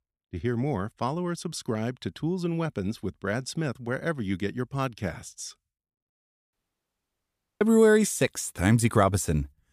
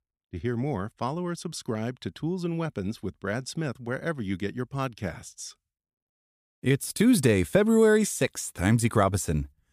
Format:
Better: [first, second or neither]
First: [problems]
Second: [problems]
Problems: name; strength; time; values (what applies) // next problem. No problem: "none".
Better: second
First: audio cutting out; at 6.5 s for 1 s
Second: none